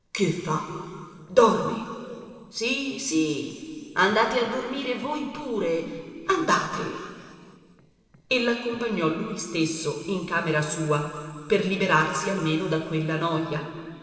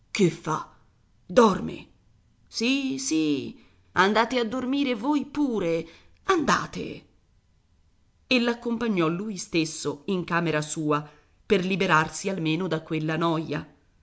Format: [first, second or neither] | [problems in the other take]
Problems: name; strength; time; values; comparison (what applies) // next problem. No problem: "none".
second | noise reduction (neural separator model SepFormer DNS4)